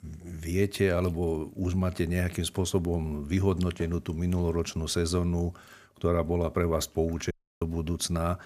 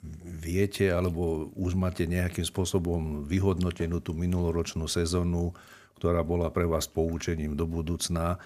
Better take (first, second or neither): second